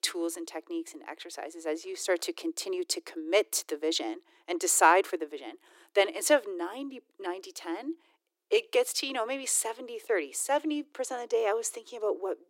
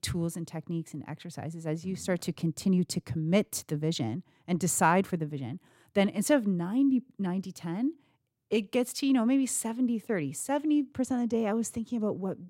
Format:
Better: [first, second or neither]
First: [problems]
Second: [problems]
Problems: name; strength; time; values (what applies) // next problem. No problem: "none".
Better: second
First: thin; very; fading below 350 Hz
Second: none